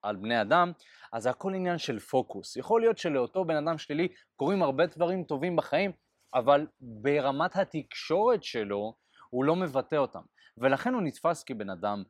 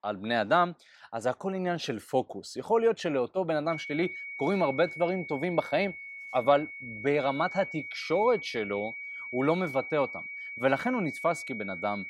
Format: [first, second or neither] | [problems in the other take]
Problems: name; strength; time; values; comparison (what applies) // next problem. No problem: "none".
first | high-pitched whine; loud; from 3.5 s on; 2.5 kHz, 9 dB below the speech